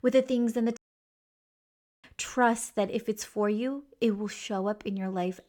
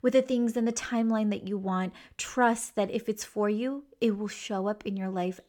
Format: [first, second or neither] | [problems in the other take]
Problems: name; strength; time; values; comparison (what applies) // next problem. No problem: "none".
second | audio cutting out; at 1 s for 1.5 s